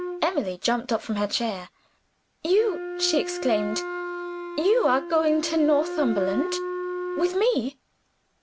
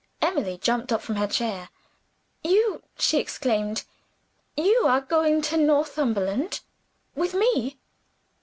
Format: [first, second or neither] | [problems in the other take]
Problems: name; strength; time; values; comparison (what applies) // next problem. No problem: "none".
second | background sound (Wind instrument, woodwind instrument); 8 dB below the speech